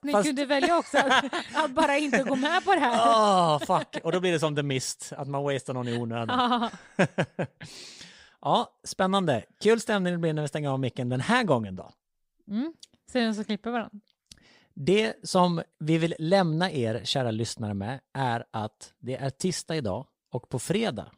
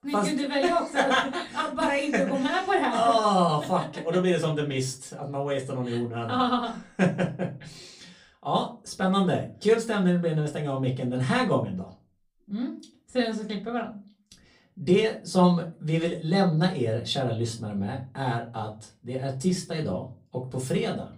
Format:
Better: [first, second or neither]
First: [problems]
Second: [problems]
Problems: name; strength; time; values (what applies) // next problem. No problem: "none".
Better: first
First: none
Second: off-mic speech; far // room echo; very slight; dies away in 0.3 s